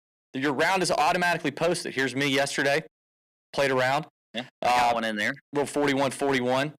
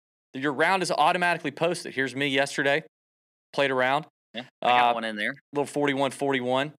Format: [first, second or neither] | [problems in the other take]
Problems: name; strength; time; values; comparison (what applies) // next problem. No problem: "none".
second | distortion; heavy; 9% of the sound clipped